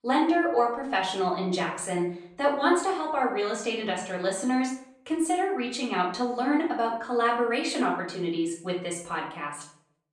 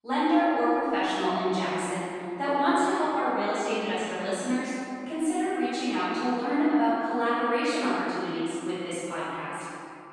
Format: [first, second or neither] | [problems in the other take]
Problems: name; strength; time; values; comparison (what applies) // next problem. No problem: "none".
first | room echo; strong; dies away in 2.5 s; slight in the first // off-mic speech; far; far in the first